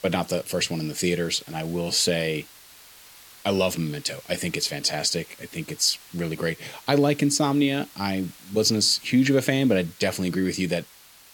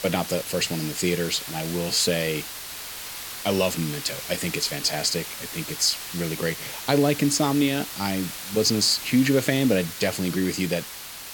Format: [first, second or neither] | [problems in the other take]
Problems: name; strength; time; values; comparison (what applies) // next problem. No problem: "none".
first | hiss; loud; throughout; 9 dB below the speech; faint in the first